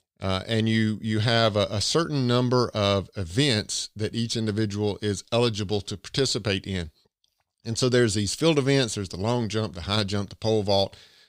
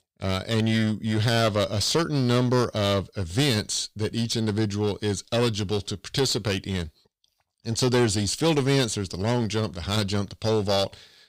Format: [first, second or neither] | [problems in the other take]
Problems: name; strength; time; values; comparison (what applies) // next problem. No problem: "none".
first | distortion; slight; 8% of the sound clipped